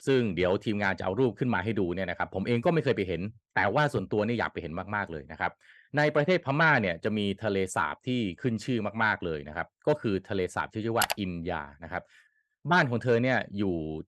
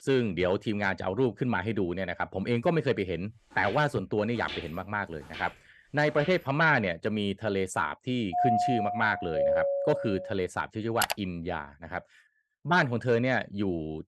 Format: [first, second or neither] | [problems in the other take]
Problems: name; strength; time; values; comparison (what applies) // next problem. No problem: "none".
first | footsteps; faint; from 3.5 to 6.5 s; peak 10 dB below the speech // doorbell; loud; from 8.5 to 10 s; peak 3 dB above the speech